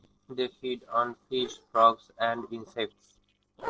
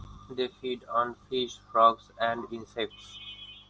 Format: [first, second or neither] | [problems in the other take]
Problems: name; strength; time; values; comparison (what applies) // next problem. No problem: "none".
second | noise reduction (neural separator model SepFormer DNS4)